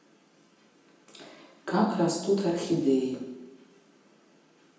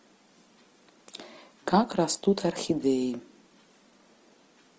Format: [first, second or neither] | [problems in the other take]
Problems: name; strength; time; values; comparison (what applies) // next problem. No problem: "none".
second | room echo; dies away in 0.9 s